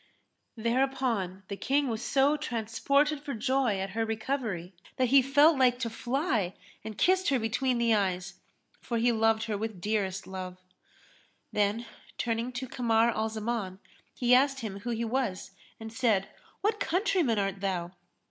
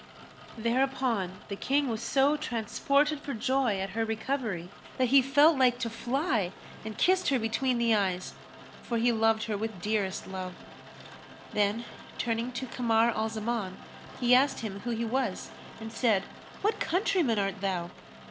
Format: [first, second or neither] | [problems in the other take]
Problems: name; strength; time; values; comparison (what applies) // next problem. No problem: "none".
first | background sound (Rain); 18 dB below the speech